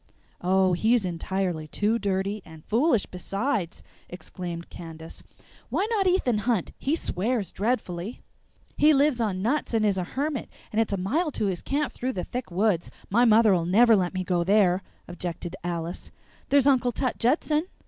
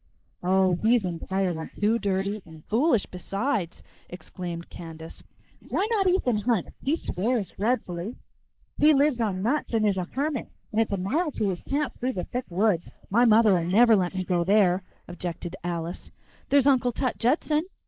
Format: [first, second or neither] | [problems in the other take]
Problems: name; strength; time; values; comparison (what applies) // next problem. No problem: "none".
first | noise reduction (neural mask model Resemble Enhance denoiser)